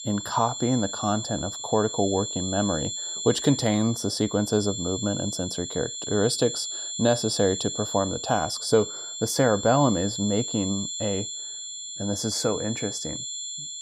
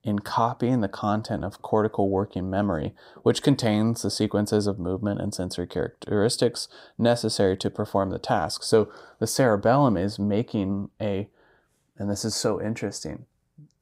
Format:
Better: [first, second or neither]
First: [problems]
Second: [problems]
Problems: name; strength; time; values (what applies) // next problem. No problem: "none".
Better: second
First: high-pitched whine; loud; throughout; 7.5 kHz, 5 dB below the speech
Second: none